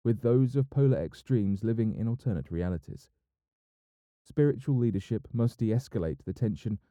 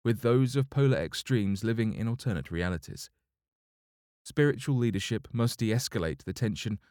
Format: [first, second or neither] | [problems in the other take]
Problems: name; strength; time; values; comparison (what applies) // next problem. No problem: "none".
second | muffled; slightly; fading above 1 kHz